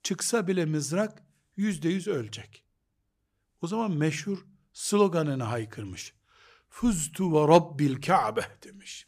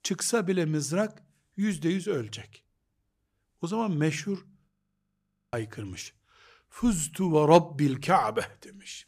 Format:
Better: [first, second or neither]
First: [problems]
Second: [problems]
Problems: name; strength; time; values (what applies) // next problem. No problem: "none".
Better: first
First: none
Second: audio freezing; at 4.5 s for 1 s